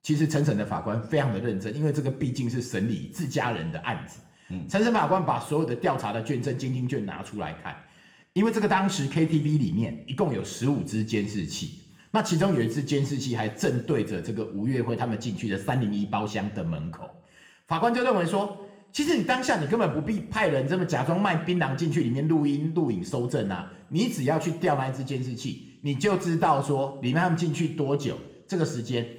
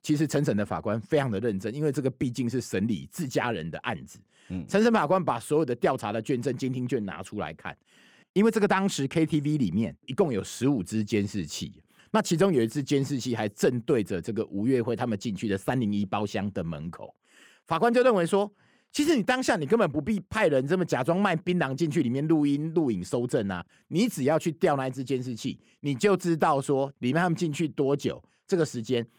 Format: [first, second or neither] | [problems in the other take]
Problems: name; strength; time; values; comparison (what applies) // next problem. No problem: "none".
second | room echo; slight; dies away in 0.7 s